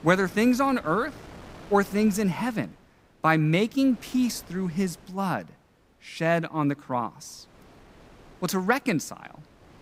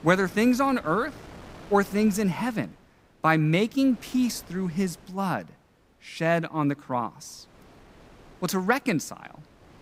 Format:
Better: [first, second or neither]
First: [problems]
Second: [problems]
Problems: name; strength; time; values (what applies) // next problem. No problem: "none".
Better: neither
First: wind noise on the microphone; occasional gusts; 25 dB below the speech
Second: wind noise on the microphone; occasional gusts; 25 dB below the speech